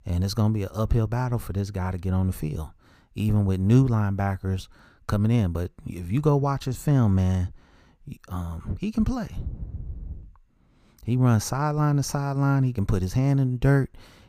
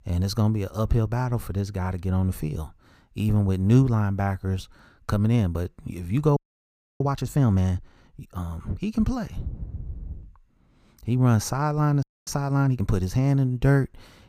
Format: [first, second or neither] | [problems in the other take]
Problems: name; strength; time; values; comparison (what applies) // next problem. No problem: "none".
first | audio freezing; at 6.5 s for 0.5 s and at 12 s